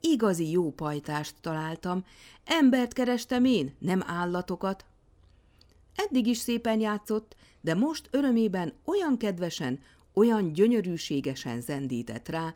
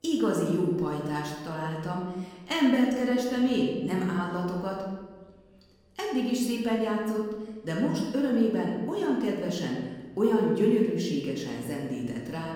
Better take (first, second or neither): first